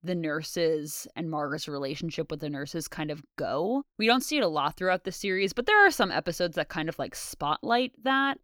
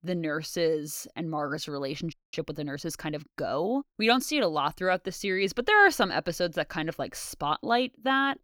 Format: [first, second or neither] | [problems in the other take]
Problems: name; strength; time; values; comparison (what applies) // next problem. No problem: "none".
first | audio freezing; at 2 s